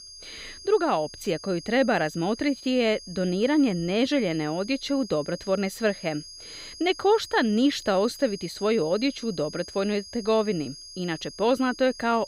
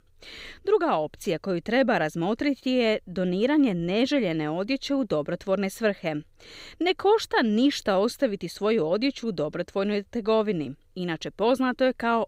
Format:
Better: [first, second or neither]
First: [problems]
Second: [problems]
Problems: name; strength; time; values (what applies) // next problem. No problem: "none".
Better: second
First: high-pitched whine; noticeable; throughout; 5 kHz, 15 dB below the speech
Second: none